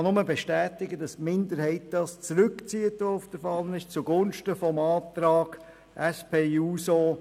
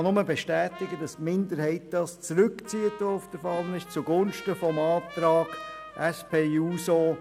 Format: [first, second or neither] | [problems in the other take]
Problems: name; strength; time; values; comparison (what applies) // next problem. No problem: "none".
first | background sound (Trumpet); 18 dB below the speech